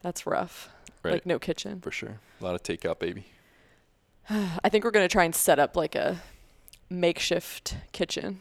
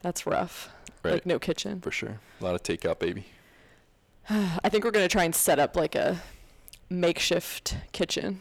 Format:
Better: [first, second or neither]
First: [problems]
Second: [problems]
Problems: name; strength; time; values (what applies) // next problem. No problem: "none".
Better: first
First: none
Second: distortion; slight; 10 dB below the speech